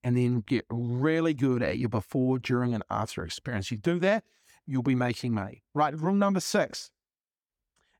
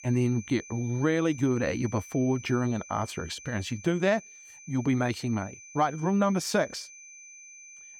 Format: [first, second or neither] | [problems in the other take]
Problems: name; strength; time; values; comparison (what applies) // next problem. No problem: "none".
first | high-pitched whine; noticeable; throughout; 6 kHz, 15 dB below the speech